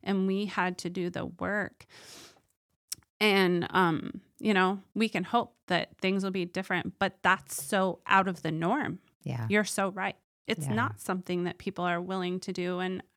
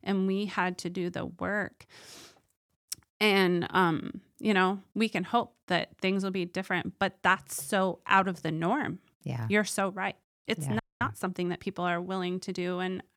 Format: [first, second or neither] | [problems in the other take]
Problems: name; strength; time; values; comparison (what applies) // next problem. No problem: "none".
first | audio freezing; at 11 s